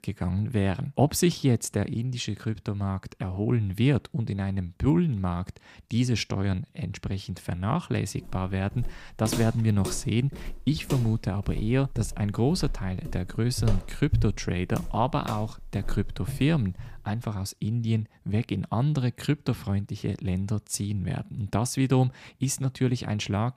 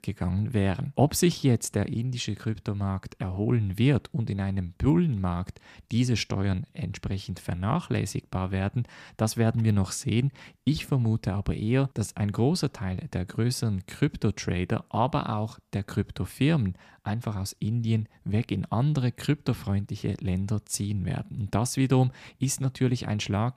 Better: second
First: footsteps; noticeable; from 8.5 to 17 s; peak 1 dB below the speech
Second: none

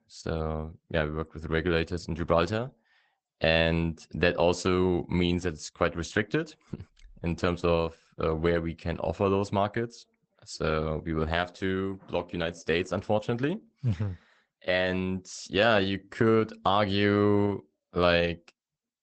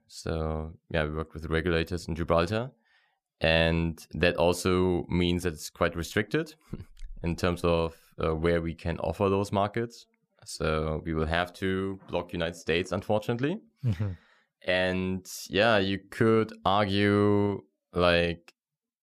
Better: second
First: garbled, watery; badly; nothing above 8 kHz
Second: none

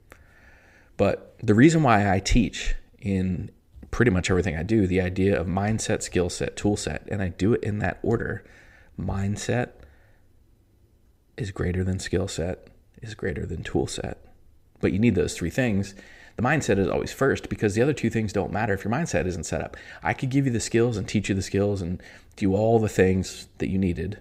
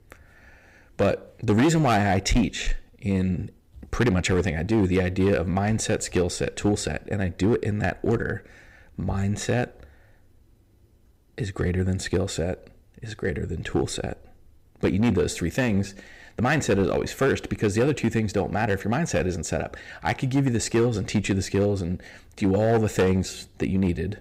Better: first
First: none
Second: distortion; slight; 4% of the sound clipped

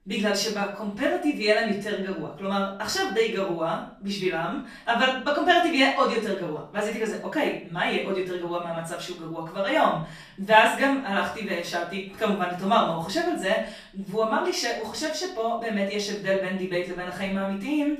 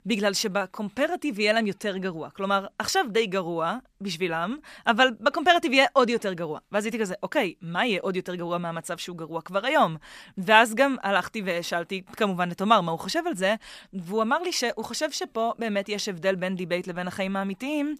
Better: second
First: off-mic speech; far // room echo; noticeable; dies away in 0.4 s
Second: none

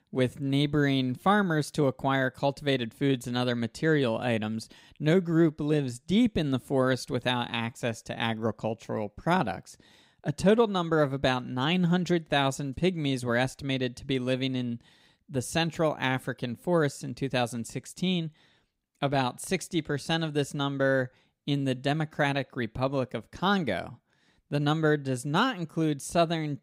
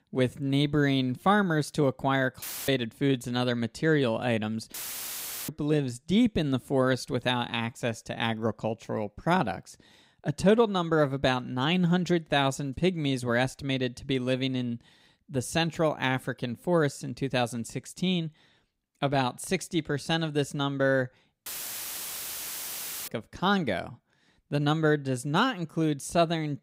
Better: first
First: none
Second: audio cutting out; filled with static; at 2.5 s, at 4.5 s for 0.5 s and at 21 s for 1.5 s

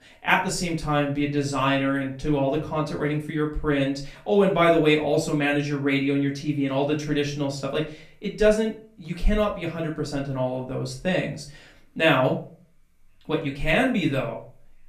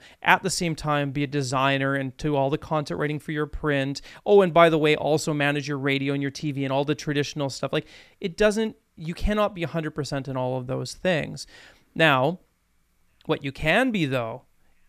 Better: second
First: room echo; slight; dies away in 0.3 s // off-mic speech; far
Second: none

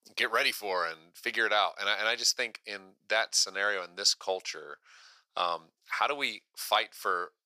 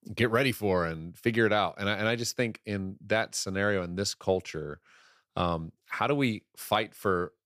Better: second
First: thin; very; fading below 800 Hz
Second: none

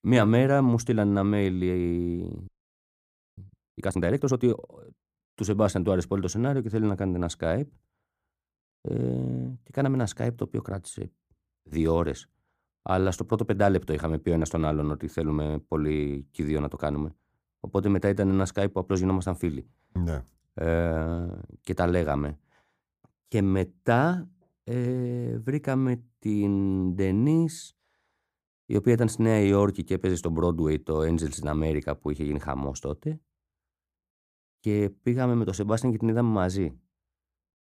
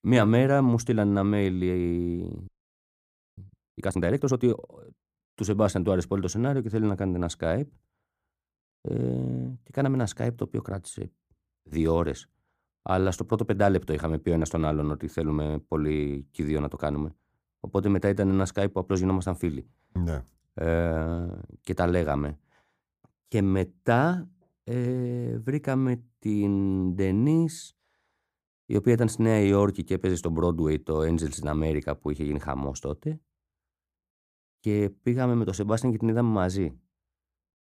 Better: neither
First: audio freezing; at 2.5 s for 1 s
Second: audio freezing; at 2.5 s for 1 s

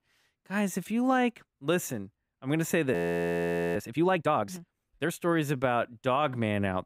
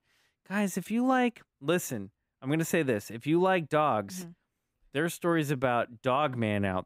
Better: second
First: audio freezing; at 3 s for 1 s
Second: none

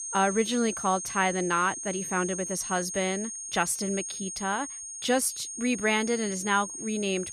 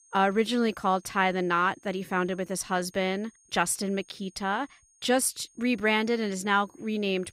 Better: second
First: high-pitched whine; loud; throughout; 6.5 kHz, 6 dB below the speech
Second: high-pitched whine; faint; throughout; 6.5 kHz, 30 dB below the speech

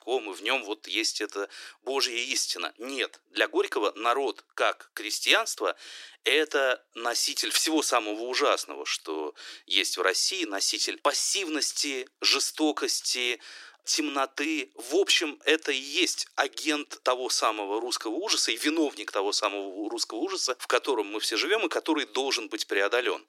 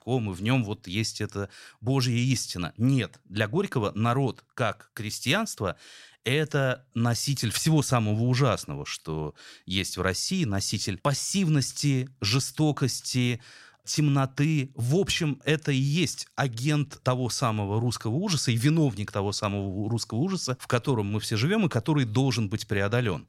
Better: second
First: thin; very; fading below 300 Hz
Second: none

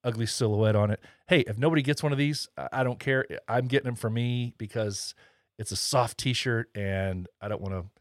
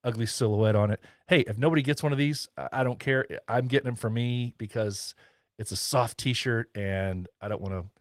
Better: first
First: none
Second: garbled, watery; slightly; nothing above 16 kHz

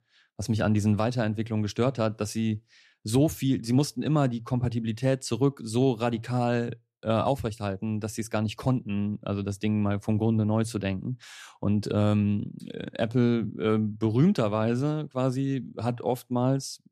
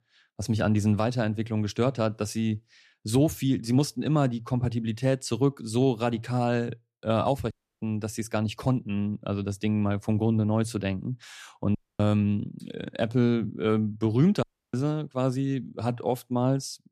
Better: first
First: none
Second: audio cutting out; at 7.5 s, at 12 s and at 14 s

